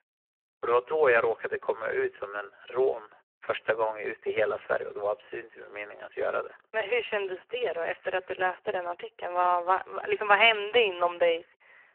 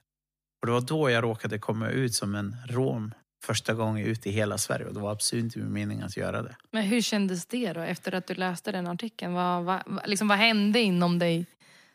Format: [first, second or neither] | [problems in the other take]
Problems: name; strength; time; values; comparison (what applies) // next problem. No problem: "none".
second | phone-call audio; poor line; nothing above 3 kHz